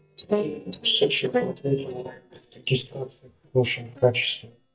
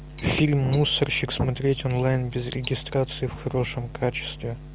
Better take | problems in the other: second | noise reduction (neural mask model DeepFilterNet 3)

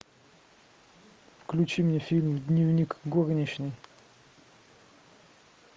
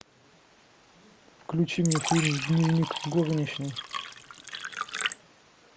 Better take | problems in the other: first | background sound (Fill (with liquid)); 5 dB below the speech

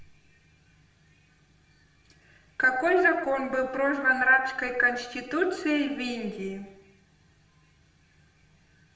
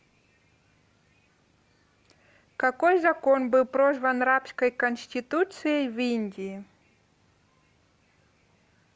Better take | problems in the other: second | room echo; dies away in 0.8 s

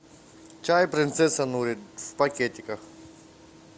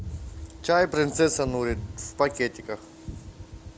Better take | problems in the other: first | background sound (Gunshot, gunfire); 12 dB below the speech

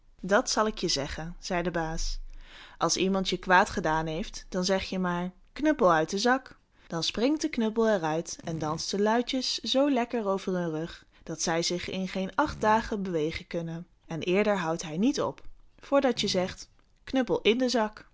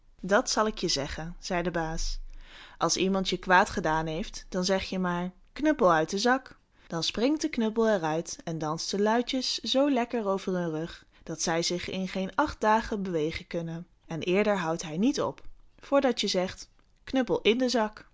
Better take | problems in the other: second | background sound (Fart); 18 dB below the speech

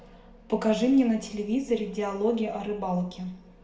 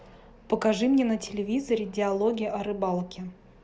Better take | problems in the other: second | room echo; dies away in 0.7 s

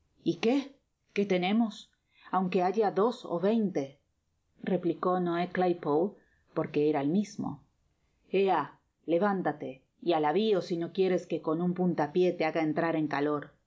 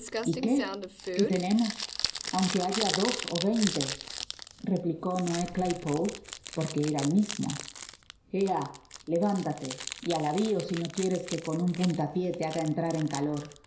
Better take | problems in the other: first | background sound (Crumpling, crinkling); 8 dB below the speech // room echo; dies away in 0.5 s

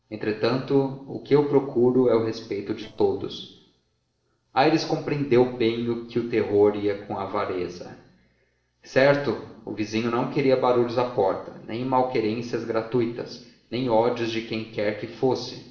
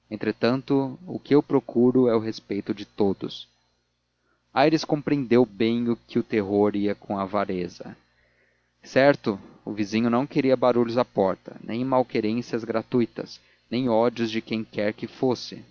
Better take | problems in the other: second | noise reduction (neural separator model SepFormer DNS4)

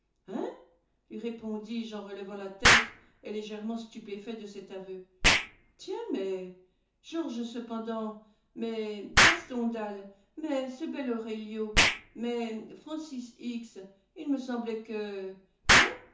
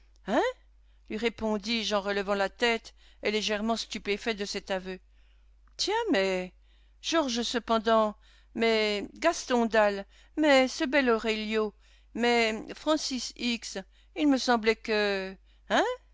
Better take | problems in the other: second | background sound (Explosion); 5 dB above the speech // room echo; dies away in 0.6 s

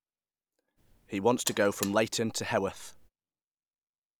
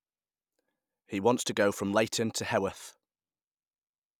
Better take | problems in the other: second | background sound (Alarm); 11 dB below the speech

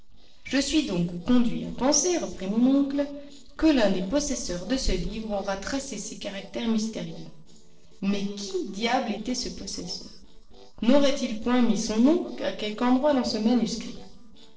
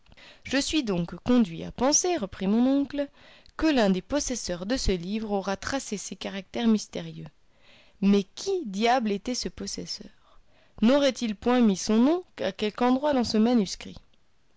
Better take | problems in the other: second | noise reduction (neural separator model SepFormer DNS4)

